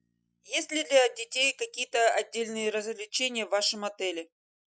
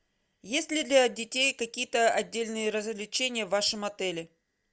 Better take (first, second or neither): second